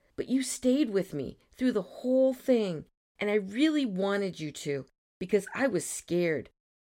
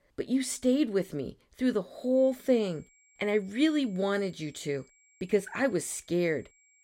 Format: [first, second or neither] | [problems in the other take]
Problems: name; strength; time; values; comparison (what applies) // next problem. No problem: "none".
first | high-pitched whine; faint; from 2 s on; 2.5 kHz, 30 dB below the speech